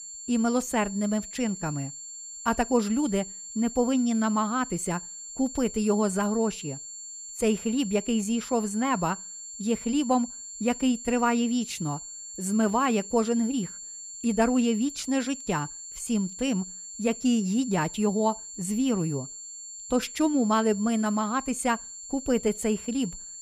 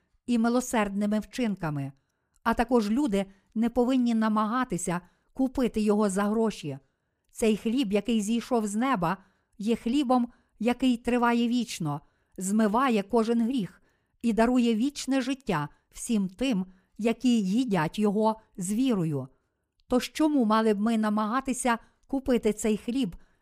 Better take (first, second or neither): second